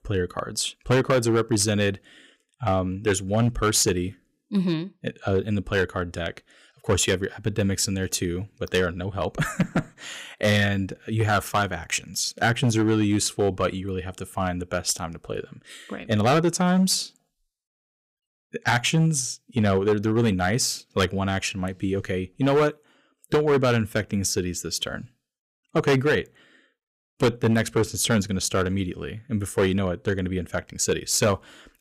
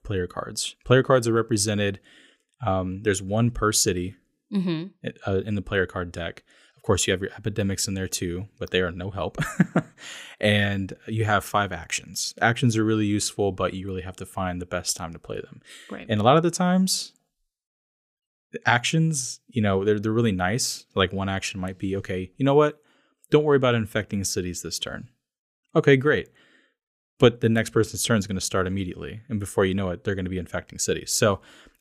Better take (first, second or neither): second